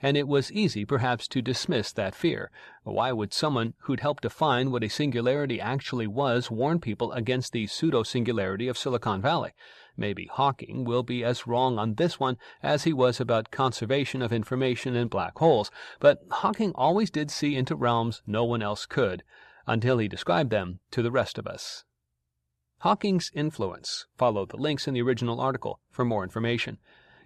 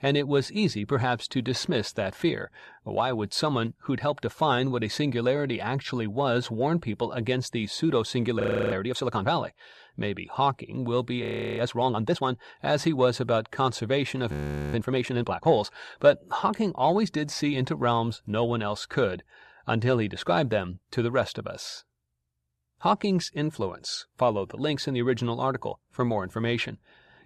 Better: first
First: none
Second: audio freezing; at 8.5 s, at 11 s and at 14 s

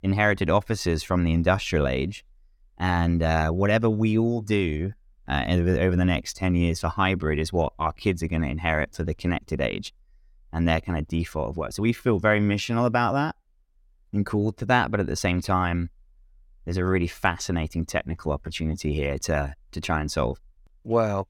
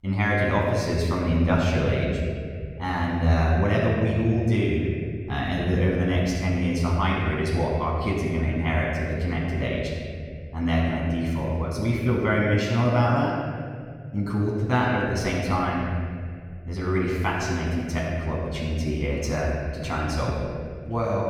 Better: first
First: none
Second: off-mic speech; far // room echo; noticeable; dies away in 2.1 s

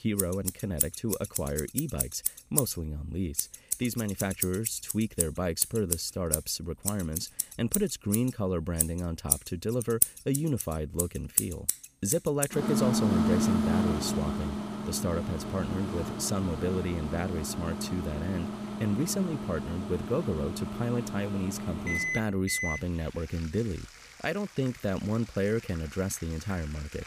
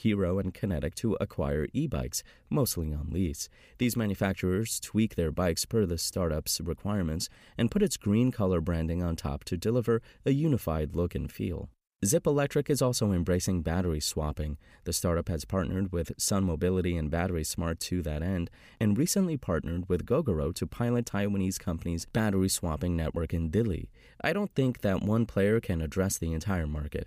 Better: second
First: household noises; very loud; throughout; as loud as the speech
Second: none

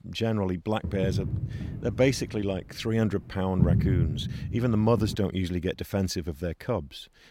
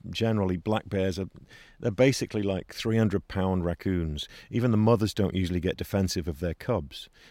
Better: second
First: footsteps; loud; from 1 to 5 s; peak 5 dB above the speech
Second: none

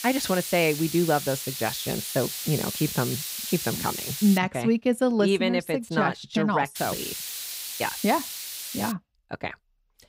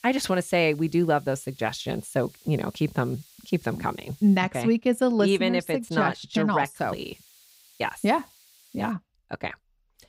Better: second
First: hiss; loud; until 4.5 s and from 7 to 9 s; 6 dB below the speech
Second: hiss; faint; until 4.5 s and from 7 to 9 s; 25 dB below the speech

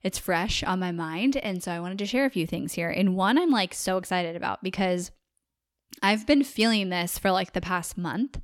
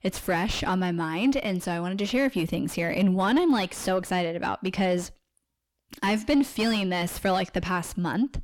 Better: first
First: none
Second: distortion; slight; 9 dB below the speech

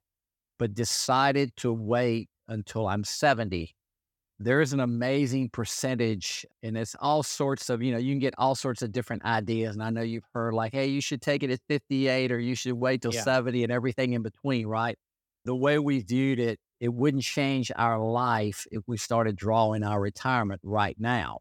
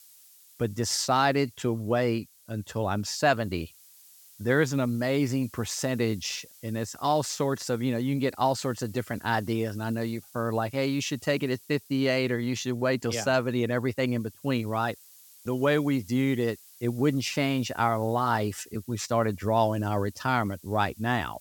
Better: first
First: none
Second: hiss; faint; throughout; 25 dB below the speech

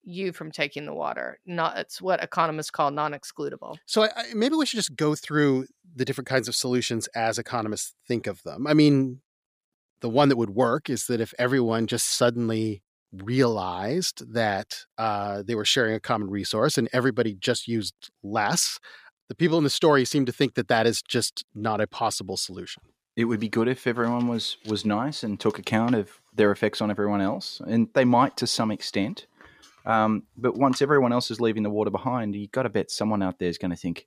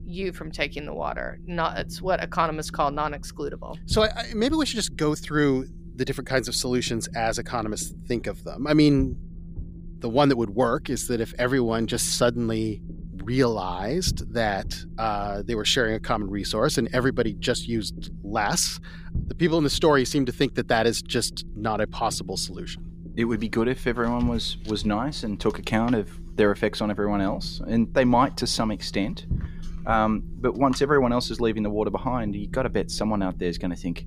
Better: first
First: none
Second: low rumble; faint; throughout; 25 dB below the speech

